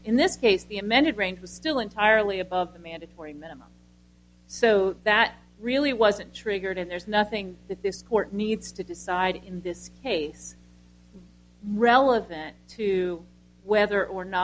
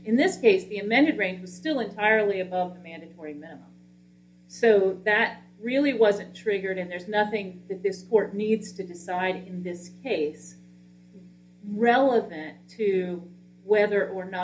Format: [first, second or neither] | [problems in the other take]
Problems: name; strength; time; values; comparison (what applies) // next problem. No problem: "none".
first | room echo; dies away in 0.3 s